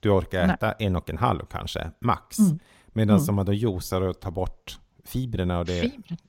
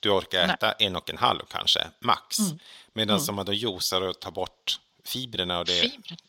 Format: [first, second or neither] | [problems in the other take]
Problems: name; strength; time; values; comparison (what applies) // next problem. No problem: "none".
first | thin; somewhat; fading below 750 Hz